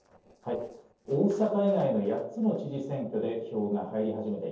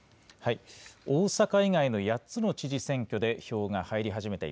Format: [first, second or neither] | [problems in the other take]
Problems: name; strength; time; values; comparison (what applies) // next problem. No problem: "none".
second | noise reduction (neural separator model SepFormer DNS4)